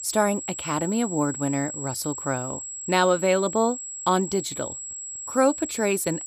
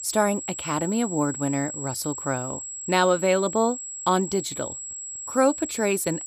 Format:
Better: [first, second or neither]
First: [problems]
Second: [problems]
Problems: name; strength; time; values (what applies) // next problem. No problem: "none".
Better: neither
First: high-pitched whine; loud; throughout; 7.5 kHz, 7 dB below the speech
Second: high-pitched whine; loud; throughout; 7.5 kHz, 7 dB below the speech